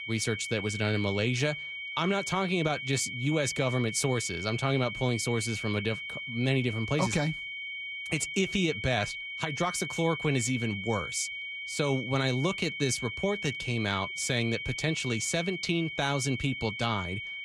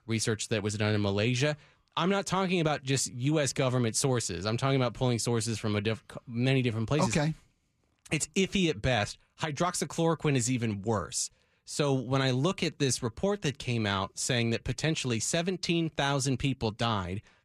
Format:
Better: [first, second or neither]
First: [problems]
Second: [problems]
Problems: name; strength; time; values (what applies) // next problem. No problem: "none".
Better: second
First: high-pitched whine; loud; throughout; 2 kHz, 6 dB below the speech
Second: none